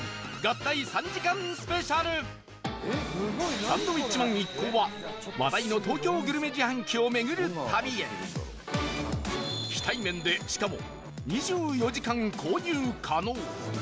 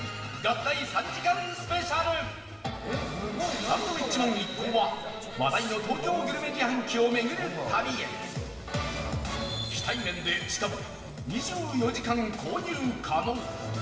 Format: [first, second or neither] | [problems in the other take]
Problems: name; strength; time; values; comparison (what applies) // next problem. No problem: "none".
first | background sound (Piano); 18 dB below the speech // room echo; dies away in 2.4 s